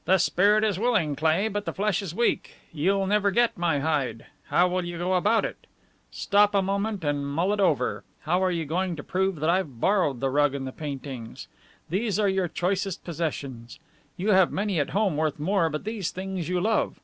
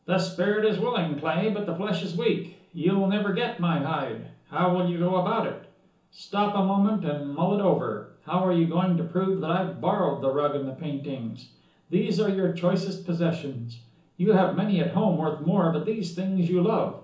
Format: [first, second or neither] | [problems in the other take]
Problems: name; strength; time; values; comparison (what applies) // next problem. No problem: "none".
first | room echo; dies away in 0.7 s